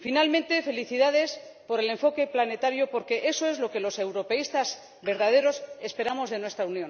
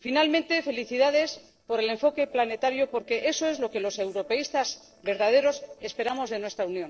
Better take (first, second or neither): first